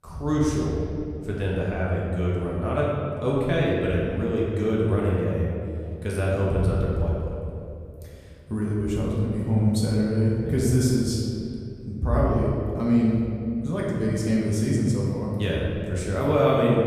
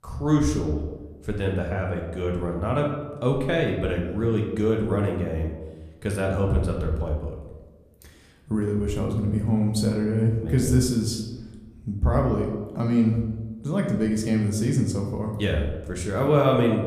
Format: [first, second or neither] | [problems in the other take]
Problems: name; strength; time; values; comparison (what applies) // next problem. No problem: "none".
second | room echo; strong; dies away in 2.2 s; slight in the second // off-mic speech; far; somewhat distant in the second